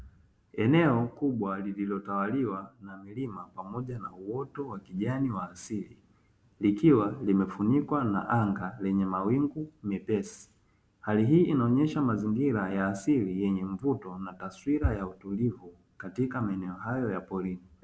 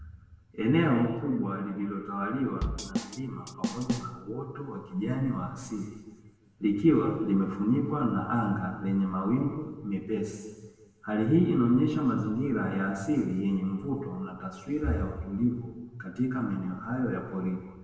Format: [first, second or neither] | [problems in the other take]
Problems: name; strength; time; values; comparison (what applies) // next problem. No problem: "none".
first | background sound (Drum / Drum kit); 7 dB below the speech // room echo; dies away in 1.3 s